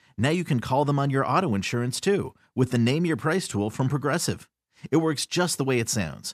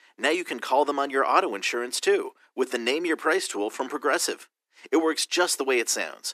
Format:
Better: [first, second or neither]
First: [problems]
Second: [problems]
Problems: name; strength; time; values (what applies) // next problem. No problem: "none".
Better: first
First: none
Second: thin; very; fading below 300 Hz